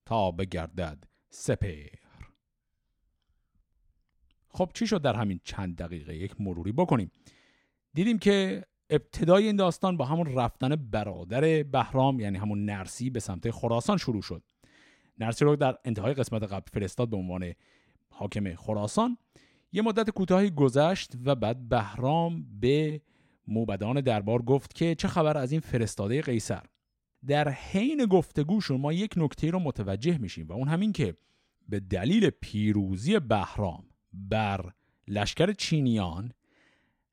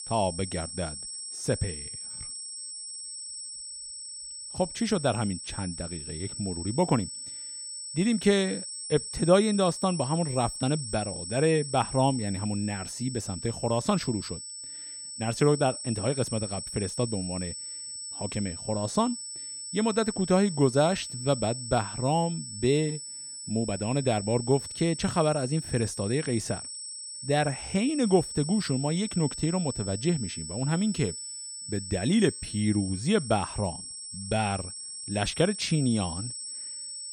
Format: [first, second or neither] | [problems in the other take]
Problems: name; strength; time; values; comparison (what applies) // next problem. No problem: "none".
first | high-pitched whine; loud; throughout; 8 kHz, 8 dB below the speech